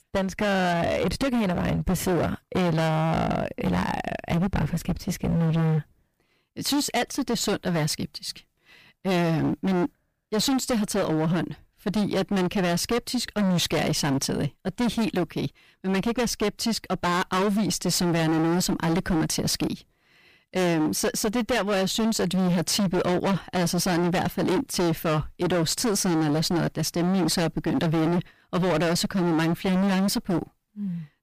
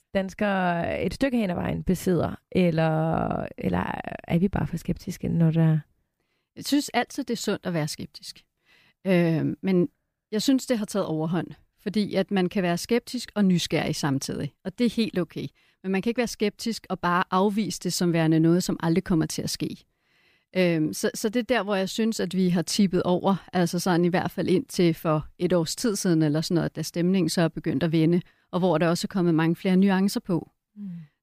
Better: second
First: distortion; heavy; 26% of the sound clipped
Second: none

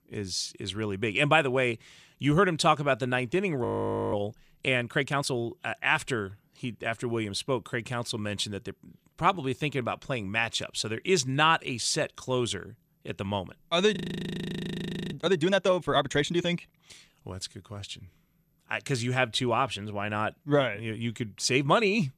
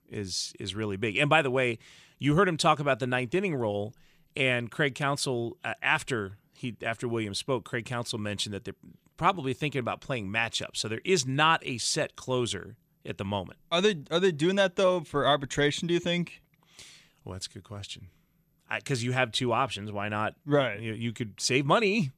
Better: second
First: audio freezing; at 3.5 s and at 14 s for 1 s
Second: none

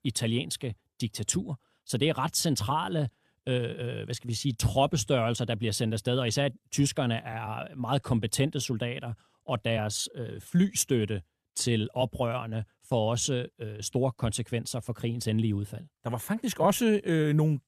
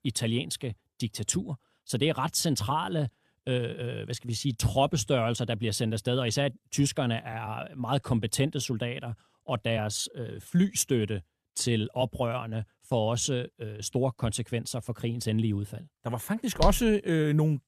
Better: first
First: none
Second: footsteps; noticeable; at 17 s; peak 3 dB below the speech

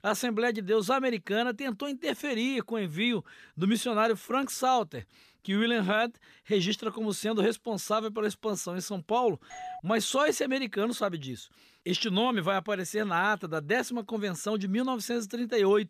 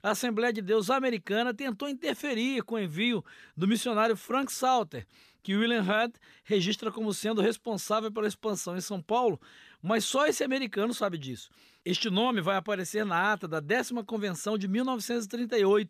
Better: second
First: doorbell; faint; at 9.5 s; peak 15 dB below the speech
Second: none

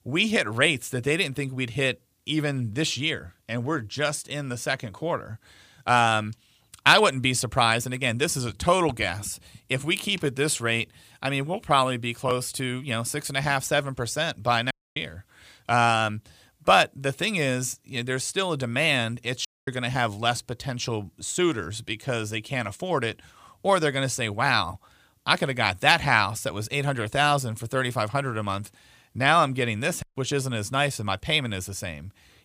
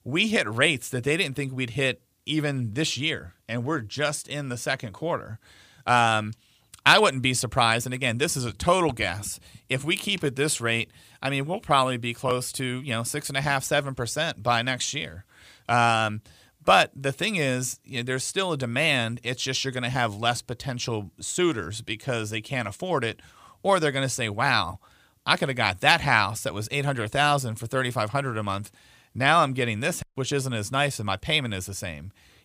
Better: second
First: audio cutting out; at 15 s and at 19 s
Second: none

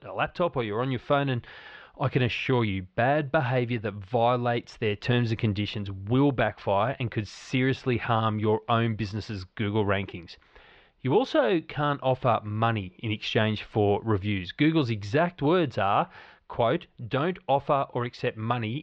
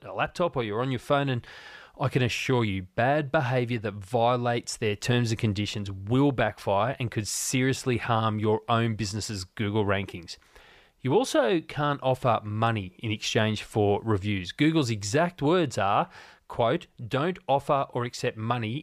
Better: second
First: muffled; slightly; fading above 4 kHz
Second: none

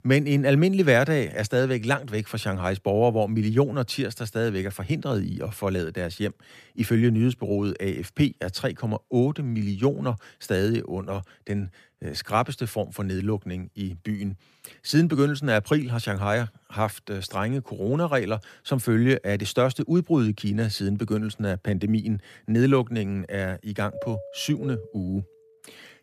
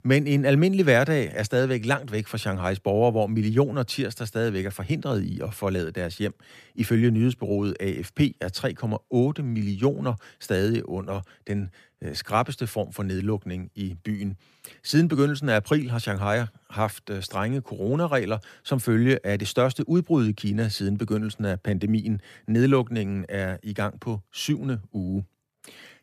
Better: second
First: doorbell; faint; from 24 to 25 s; peak 10 dB below the speech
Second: none

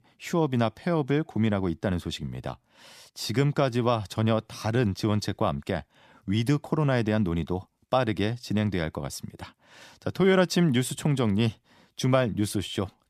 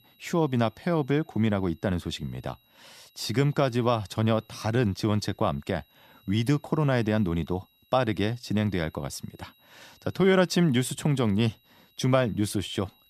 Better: first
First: none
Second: high-pitched whine; faint; throughout; 4 kHz, 35 dB below the speech

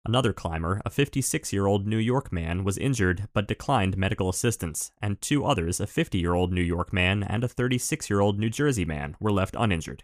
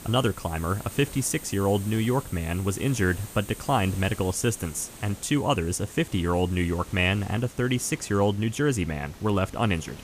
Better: first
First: none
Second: hiss; noticeable; throughout; 15 dB below the speech

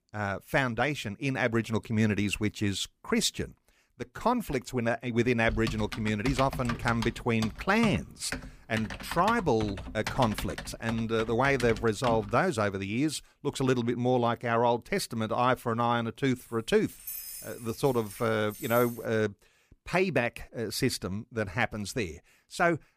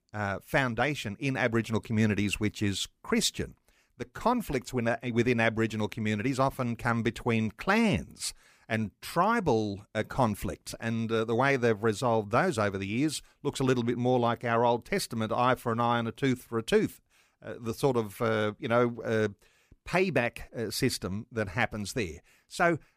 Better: second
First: keyboard typing; noticeable; from 5.5 to 12 s; peak 6 dB below the speech // jangling keys; noticeable; from 16 to 19 s; peak 8 dB below the speech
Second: none

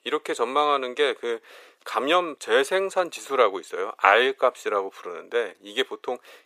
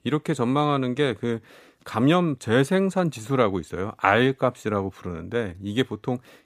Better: second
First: thin; very; fading below 450 Hz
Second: none

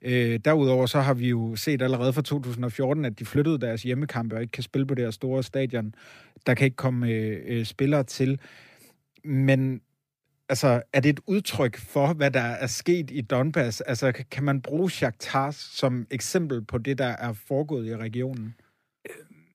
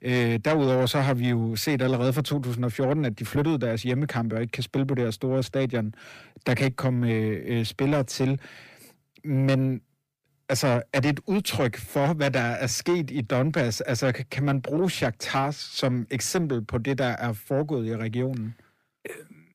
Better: first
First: none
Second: distortion; slight; 10 dB below the speech

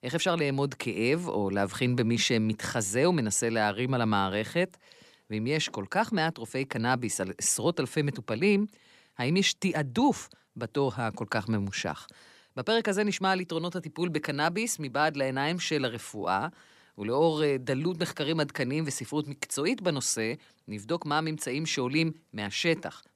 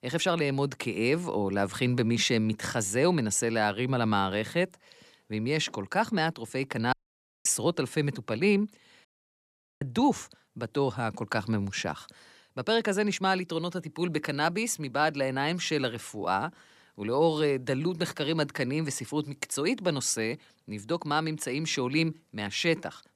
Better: first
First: none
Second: audio cutting out; at 7 s for 0.5 s and at 9 s for 1 s

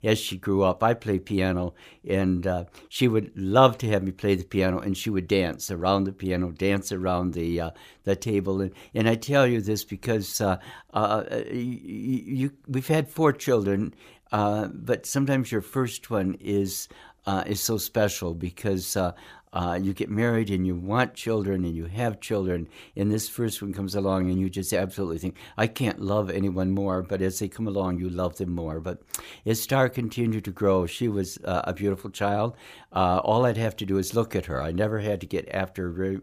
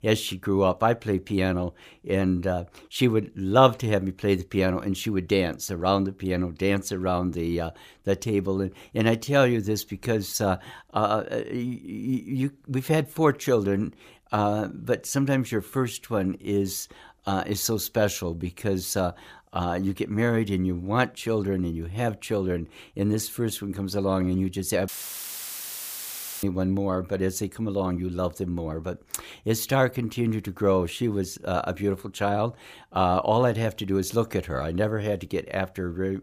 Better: first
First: none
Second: audio cutting out; filled with static; at 25 s for 1.5 s

